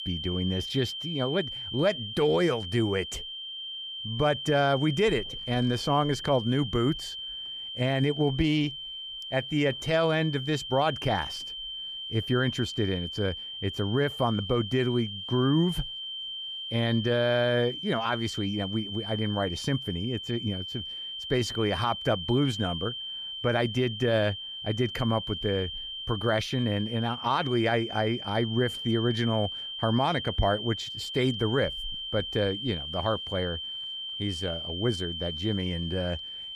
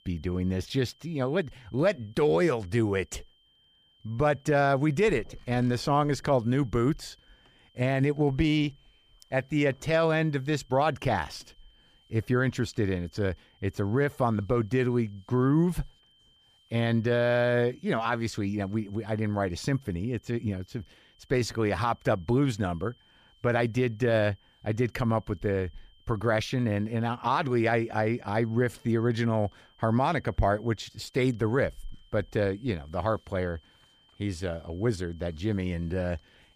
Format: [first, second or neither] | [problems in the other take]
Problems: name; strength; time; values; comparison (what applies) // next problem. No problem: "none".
second | high-pitched whine; loud; throughout; 3 kHz, 6 dB below the speech; faint in the second